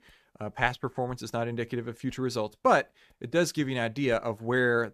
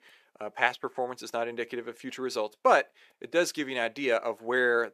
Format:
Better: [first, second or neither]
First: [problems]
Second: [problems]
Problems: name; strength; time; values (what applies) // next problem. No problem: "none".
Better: first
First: none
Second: thin; somewhat; fading below 400 Hz